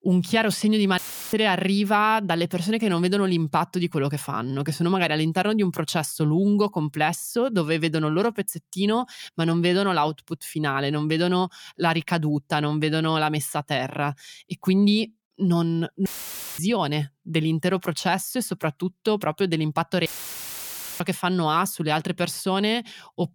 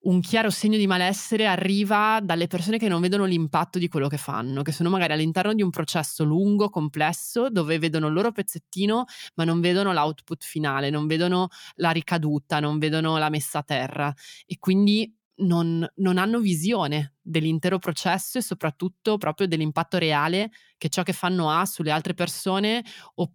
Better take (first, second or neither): second